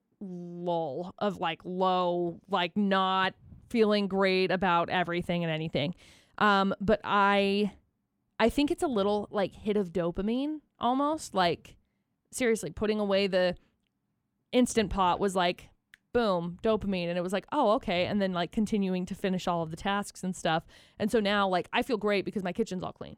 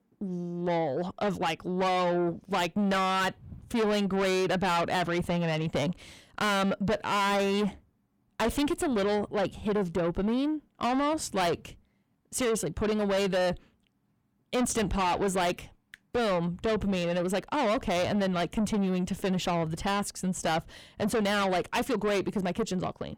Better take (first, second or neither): first